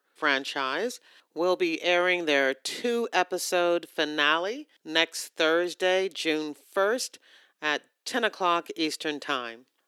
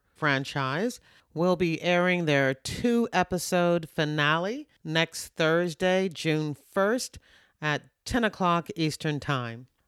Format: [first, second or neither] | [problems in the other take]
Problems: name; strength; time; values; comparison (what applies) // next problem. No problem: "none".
second | thin; somewhat; fading below 300 Hz